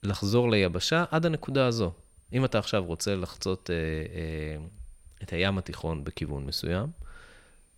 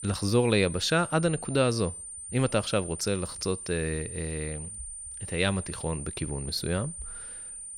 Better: first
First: high-pitched whine; faint; throughout; 9 kHz, 35 dB below the speech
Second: high-pitched whine; loud; throughout; 9 kHz, 9 dB below the speech

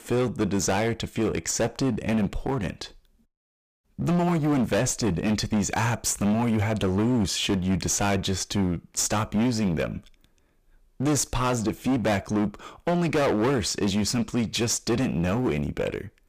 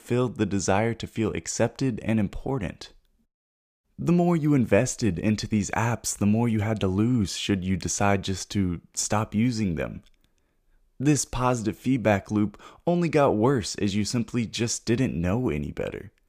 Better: second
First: distortion; heavy; 17% of the sound clipped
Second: none

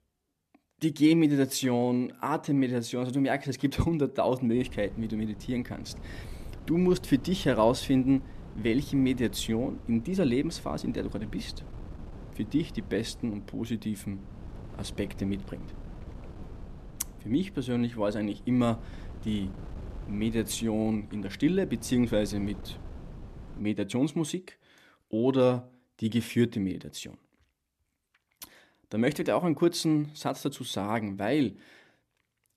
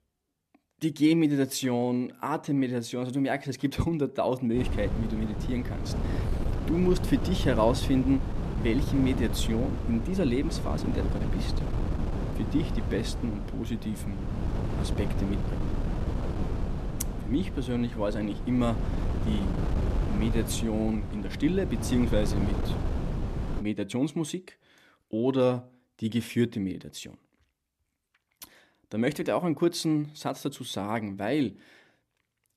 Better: first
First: wind noise on the microphone; occasional gusts; from 4.5 to 24 s; 20 dB below the speech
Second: wind noise on the microphone; heavy; from 4.5 to 24 s; 8 dB below the speech

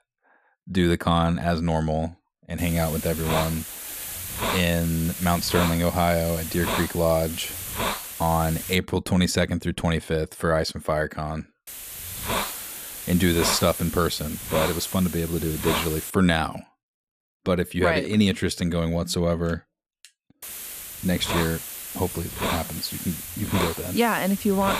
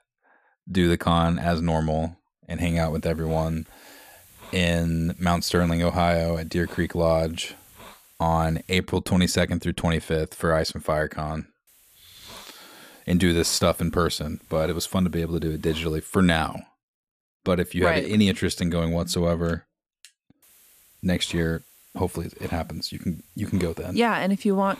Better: second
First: hiss; loud; from 2.5 to 9 s, from 12 to 16 s and from 20 s on; 6 dB below the speech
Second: hiss; faint; from 2.5 to 9 s, from 12 to 16 s and from 20 s on; 25 dB below the speech

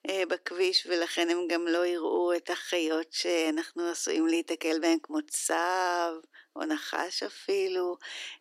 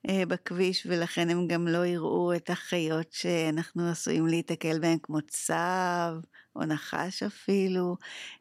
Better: second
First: thin; very; fading below 300 Hz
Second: none

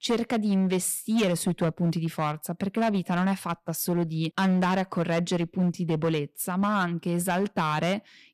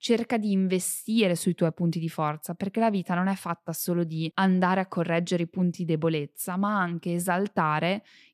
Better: second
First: distortion; slight; 10% of the sound clipped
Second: none

